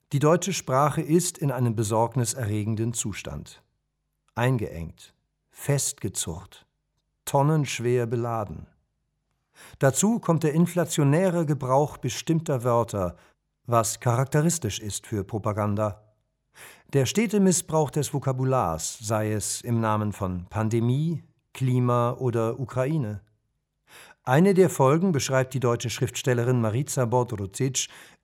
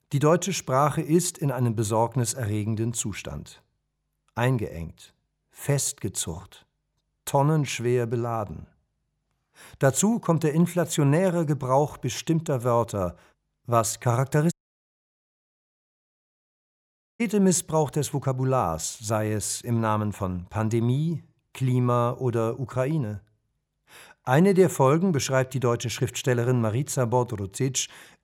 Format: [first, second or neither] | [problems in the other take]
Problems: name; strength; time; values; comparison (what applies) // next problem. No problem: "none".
first | audio cutting out; at 15 s for 2.5 s